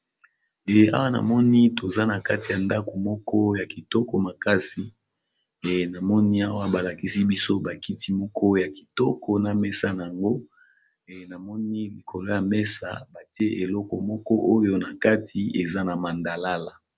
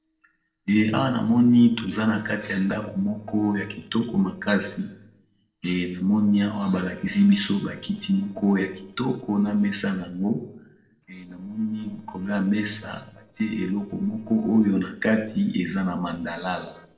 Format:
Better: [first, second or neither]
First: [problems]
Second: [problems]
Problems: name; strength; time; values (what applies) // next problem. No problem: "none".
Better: first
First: none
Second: noise reduction (neural separator model SepFormer DNS4)